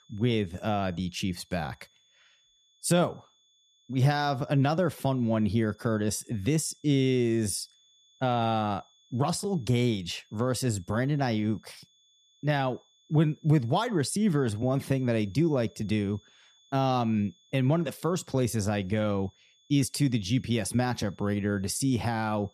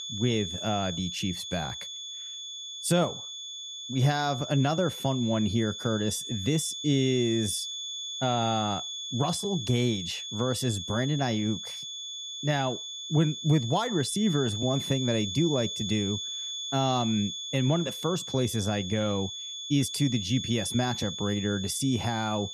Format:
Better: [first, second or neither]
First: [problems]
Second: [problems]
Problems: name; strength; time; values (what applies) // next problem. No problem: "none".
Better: first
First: high-pitched whine; faint; throughout; 3.5 kHz, 35 dB below the speech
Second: high-pitched whine; loud; throughout; 3.5 kHz, 6 dB below the speech